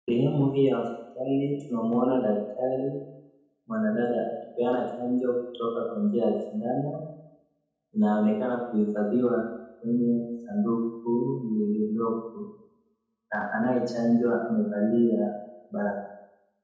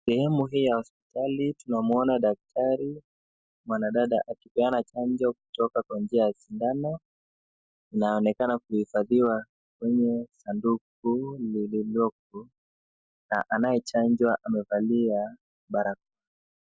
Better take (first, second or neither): second